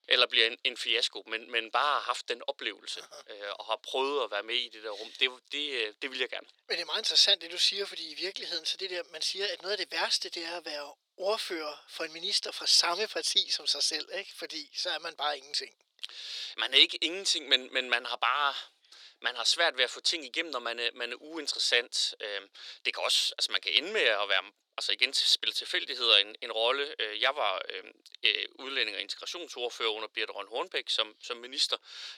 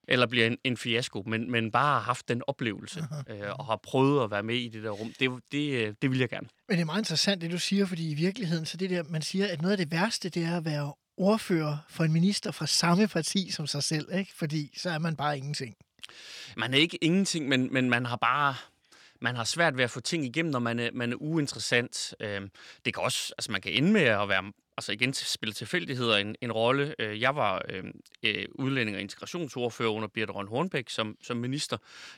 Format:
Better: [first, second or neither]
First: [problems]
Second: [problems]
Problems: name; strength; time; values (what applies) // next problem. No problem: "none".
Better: second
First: thin; very; fading below 400 Hz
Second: none